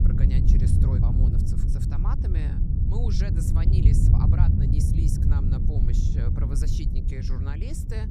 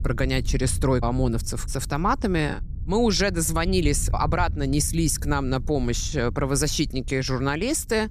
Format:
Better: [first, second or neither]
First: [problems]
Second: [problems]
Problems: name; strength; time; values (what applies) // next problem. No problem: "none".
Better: second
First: wind noise on the microphone; heavy; 4 dB above the speech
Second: wind noise on the microphone; occasional gusts; 25 dB below the speech